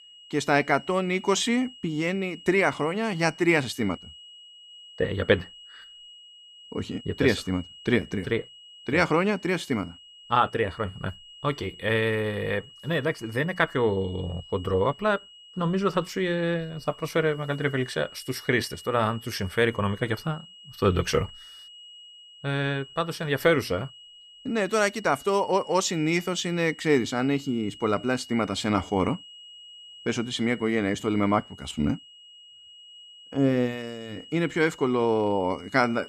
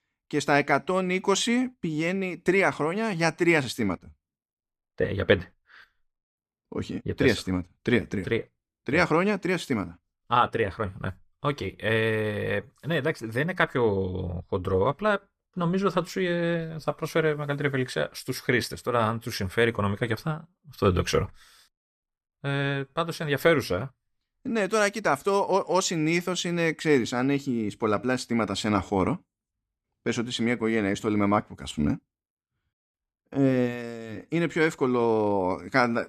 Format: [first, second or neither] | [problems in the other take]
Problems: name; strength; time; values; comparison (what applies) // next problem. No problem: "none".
second | high-pitched whine; noticeable; throughout; 3 kHz, 20 dB below the speech